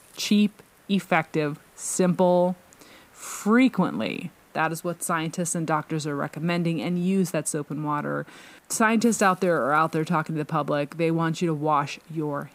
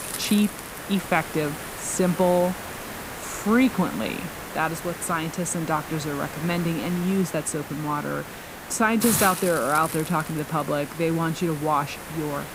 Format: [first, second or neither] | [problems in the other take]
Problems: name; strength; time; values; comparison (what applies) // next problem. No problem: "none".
first | hiss; loud; throughout; 8 dB below the speech; faint in the first